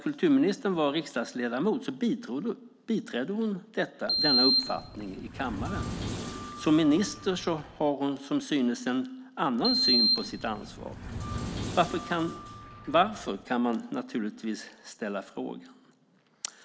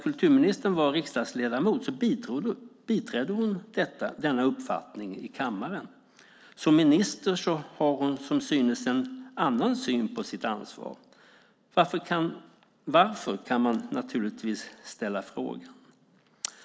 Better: second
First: background sound (Sliding door); 2 dB below the speech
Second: none

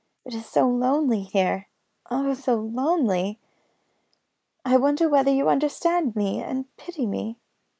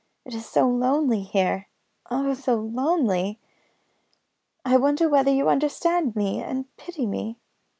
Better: second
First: noise reduction (neural mask model Resemble Enhance denoiser)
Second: none

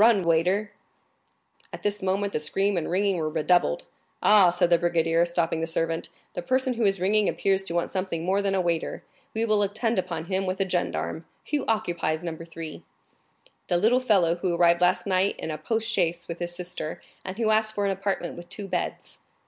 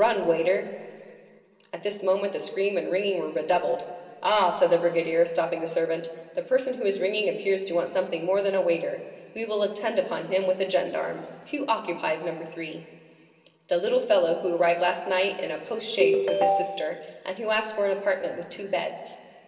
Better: first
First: none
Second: background sound (Ringtone); 2 dB above the speech // room echo; dies away in 2.2 s

